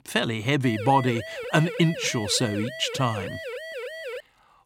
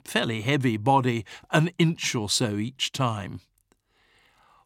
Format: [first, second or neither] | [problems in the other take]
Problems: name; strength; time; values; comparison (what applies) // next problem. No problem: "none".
second | siren; noticeable; from 0.5 s on; peak 10 dB below the speech